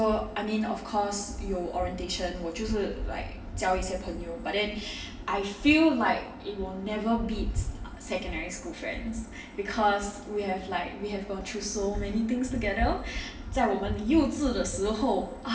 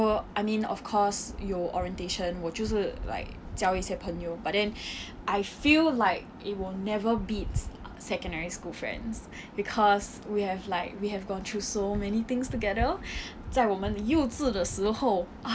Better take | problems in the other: second | room echo; dies away in 0.9 s

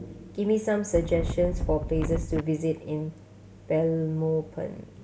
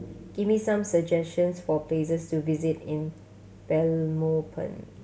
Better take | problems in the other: second | background sound (Wind); 2 dB below the speech

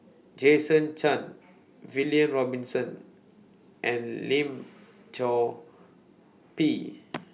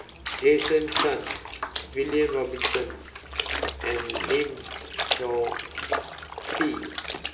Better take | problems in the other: first | background sound (Trickle, dribble / Splash, splatter); 3 dB below the speech // room echo; dies away in 2.6 s

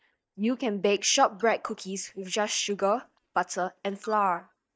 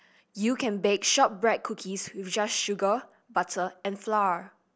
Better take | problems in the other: second | noise reduction (neural mask model DeepFilterNet 3)

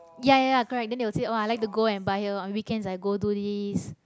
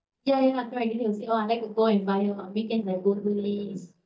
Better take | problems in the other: first | noise reduction (neural mask model DeepFilterNet 3)

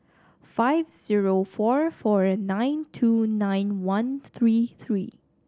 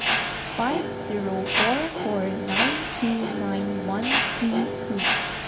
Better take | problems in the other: first | background sound (Mechanisms); 2 dB above the speech // room echo; dies away in 0.7 s

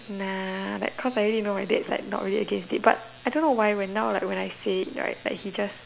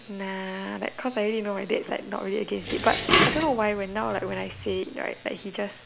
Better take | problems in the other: first | background sound (Dishes, pots, and pans); 1 dB above the speech

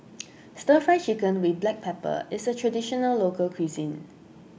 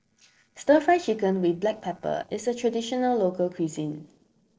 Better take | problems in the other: first | noise reduction (neural separator model SepFormer DNS4)

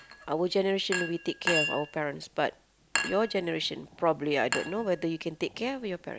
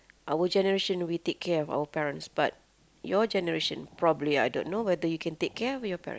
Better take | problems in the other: second | background sound (Chink, clink); 7 dB below the speech

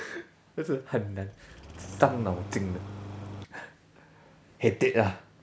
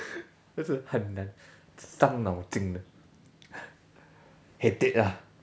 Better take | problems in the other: second | background sound (Engine starting); 11 dB below the speech

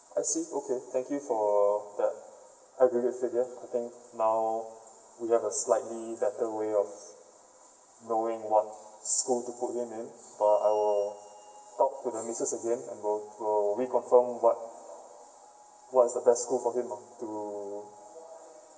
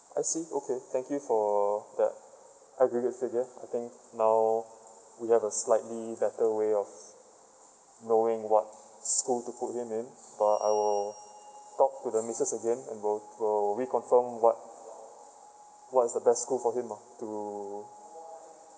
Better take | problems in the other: second | room echo; dies away in 0.9 s

